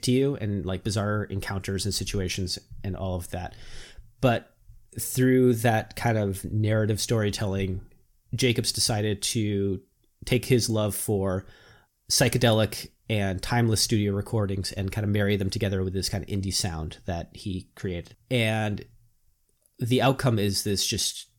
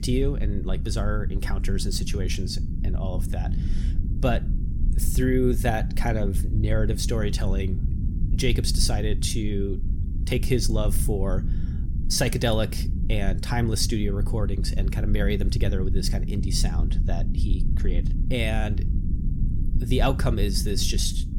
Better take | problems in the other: first | low rumble; noticeable; throughout; 10 dB below the speech

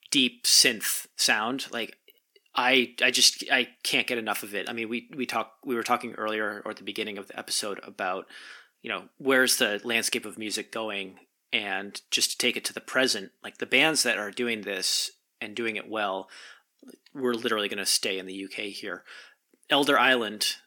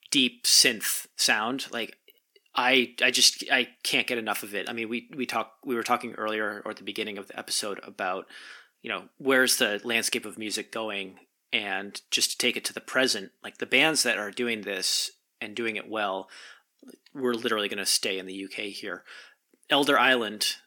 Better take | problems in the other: neither | thin; somewhat; fading below 250 Hz; the same in both

